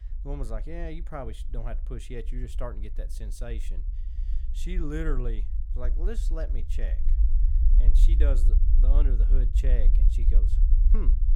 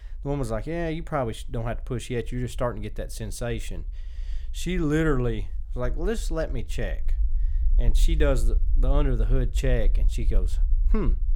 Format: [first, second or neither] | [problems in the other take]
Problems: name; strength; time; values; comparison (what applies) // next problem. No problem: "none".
second | low rumble; loud; throughout; 9 dB below the speech; faint in the second